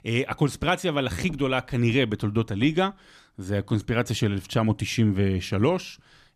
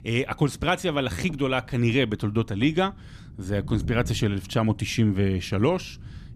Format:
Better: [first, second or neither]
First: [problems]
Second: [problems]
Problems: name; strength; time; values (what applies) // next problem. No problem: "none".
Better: first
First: none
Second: wind noise on the microphone; occasional gusts; 25 dB below the speech